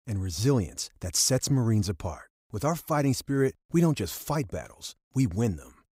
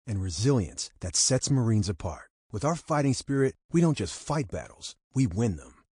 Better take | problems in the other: first | garbled, watery; slightly; nothing above 8.5 kHz

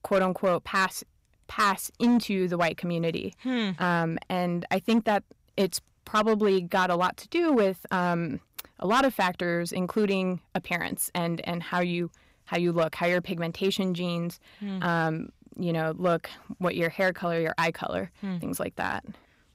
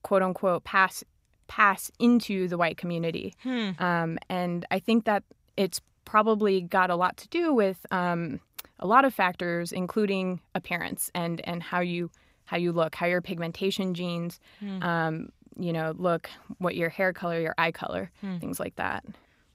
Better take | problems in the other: second | distortion; slight; 3% of the sound clipped

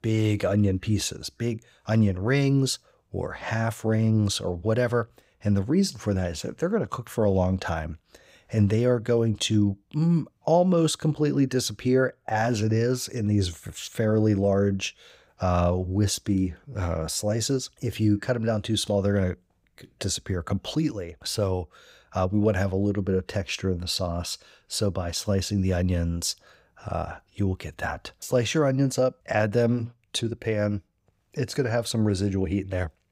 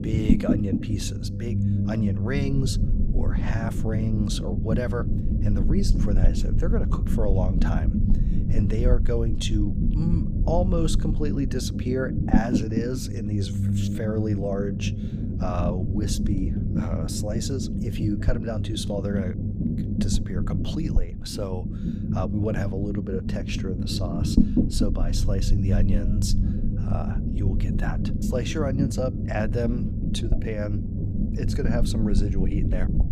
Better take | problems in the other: first | low rumble; loud; throughout; 3 dB below the speech

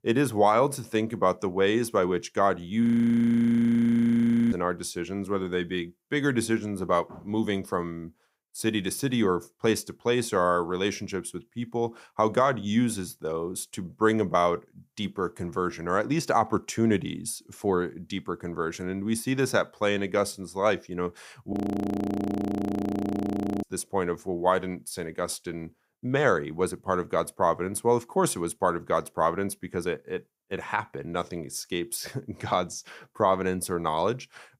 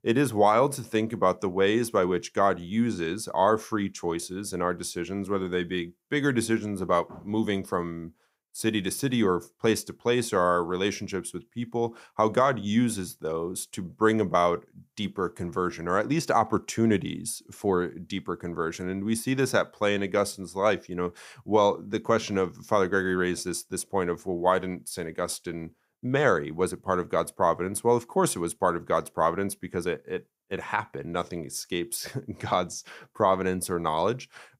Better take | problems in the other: second | audio freezing; at 3 s for 1.5 s and at 22 s for 2 s

